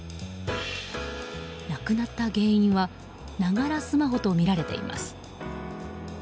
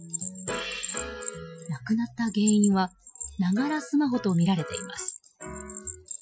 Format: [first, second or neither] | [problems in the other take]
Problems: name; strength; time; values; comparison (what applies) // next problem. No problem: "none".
first | noise reduction (classical method Wiener filter)